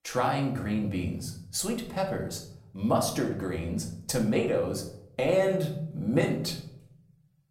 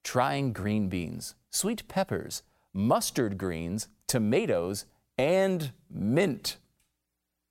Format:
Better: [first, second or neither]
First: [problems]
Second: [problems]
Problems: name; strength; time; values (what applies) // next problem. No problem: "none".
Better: second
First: room echo; slight; dies away in 0.7 s // off-mic speech; somewhat distant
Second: none